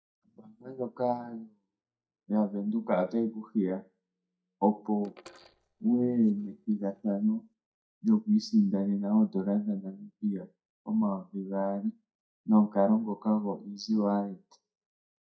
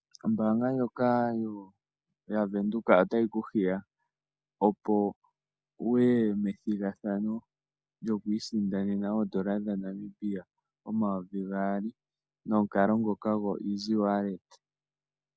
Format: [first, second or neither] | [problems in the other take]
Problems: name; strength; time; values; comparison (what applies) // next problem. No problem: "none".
second | noise reduction (neural mask model DeepFilterNet 3)